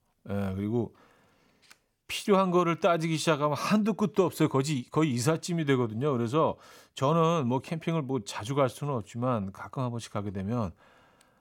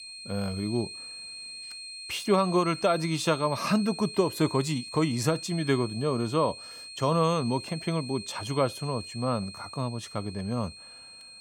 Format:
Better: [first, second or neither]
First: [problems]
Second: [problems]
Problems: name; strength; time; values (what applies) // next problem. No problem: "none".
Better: first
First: none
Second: high-pitched whine; noticeable; throughout; 4 kHz, 10 dB below the speech